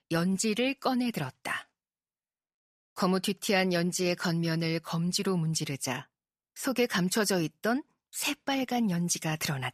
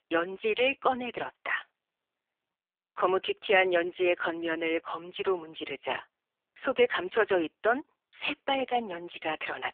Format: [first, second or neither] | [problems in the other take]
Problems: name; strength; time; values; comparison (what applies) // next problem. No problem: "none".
first | phone-call audio; poor line